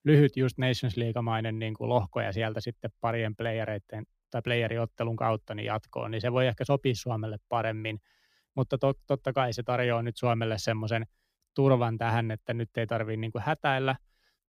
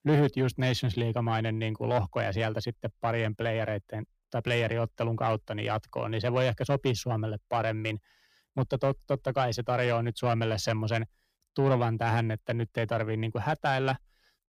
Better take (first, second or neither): first